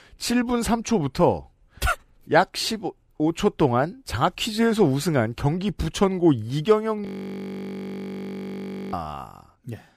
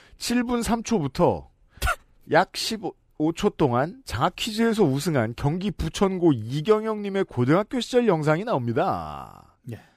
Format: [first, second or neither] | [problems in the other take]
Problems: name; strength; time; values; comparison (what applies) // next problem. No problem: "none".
second | audio freezing; at 7 s for 2 s